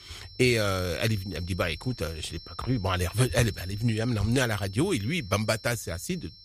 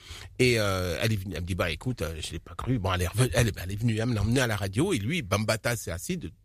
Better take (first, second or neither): second